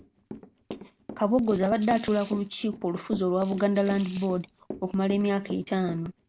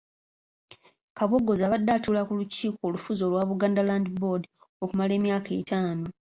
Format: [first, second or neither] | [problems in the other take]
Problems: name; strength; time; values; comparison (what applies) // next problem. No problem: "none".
second | background sound (Walk, footsteps / Run + Rattle / Rattle (instrument)); 15 dB below the speech